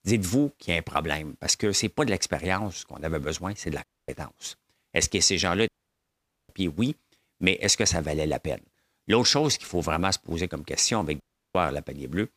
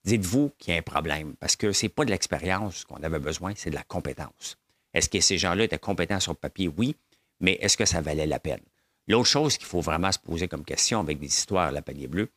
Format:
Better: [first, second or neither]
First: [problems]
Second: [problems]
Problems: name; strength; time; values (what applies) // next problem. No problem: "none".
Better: second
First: audio cutting out; at 4 s, at 5.5 s for 1 s and at 11 s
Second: none